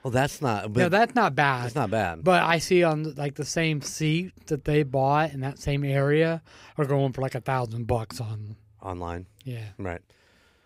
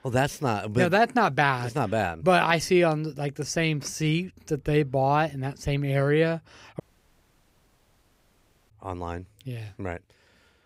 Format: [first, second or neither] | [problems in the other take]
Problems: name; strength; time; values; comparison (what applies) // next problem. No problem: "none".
first | audio cutting out; at 7 s for 2 s